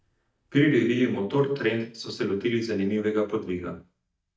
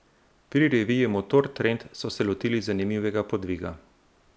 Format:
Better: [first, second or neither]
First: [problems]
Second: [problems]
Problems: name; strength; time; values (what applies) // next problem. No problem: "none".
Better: second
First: noise reduction (neural mask model DeepFilterNet 3)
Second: none